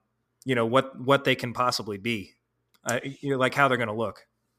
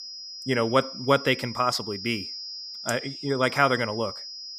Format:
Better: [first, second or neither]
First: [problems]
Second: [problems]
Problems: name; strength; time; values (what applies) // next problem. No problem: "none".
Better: first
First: none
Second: high-pitched whine; loud; throughout; 5 kHz, 10 dB below the speech